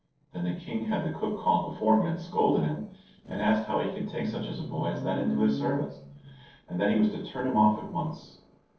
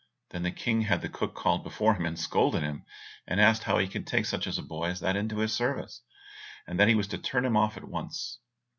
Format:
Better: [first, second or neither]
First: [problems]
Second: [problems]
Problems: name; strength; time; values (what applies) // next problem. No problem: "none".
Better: second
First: noise reduction (neural separator model SepFormer DNS4)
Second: none